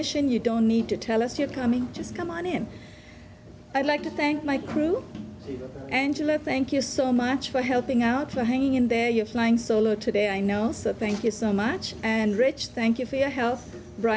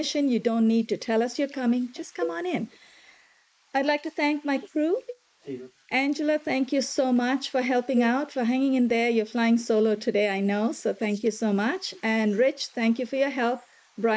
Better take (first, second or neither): first